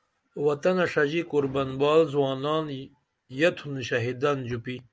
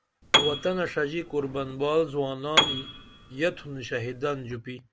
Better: first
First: none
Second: background sound (Piano); 1 dB below the speech

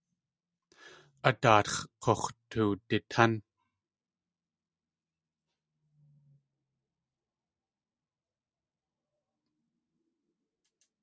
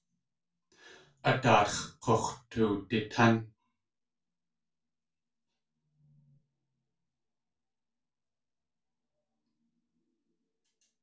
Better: first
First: none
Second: room echo; dies away in 0.2 s

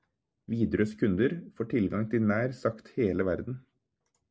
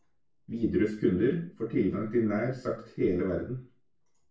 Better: first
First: none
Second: room echo; dies away in 0.3 s

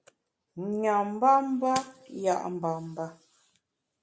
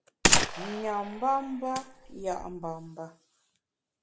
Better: first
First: none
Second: background sound (Gunshot, gunfire); 5 dB above the speech

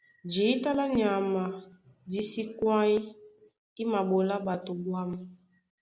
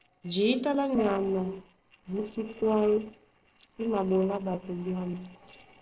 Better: first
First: none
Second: noise reduction (neural separator model SepFormer DNS4)

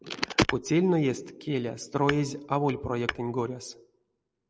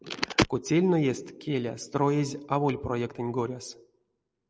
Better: second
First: background sound (Tap / Hammer); 12 dB below the speech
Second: none

